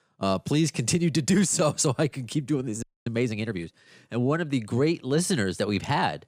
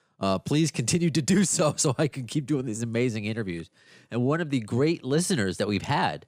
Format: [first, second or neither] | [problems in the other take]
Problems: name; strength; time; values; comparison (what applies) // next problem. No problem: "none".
second | audio freezing; at 3 s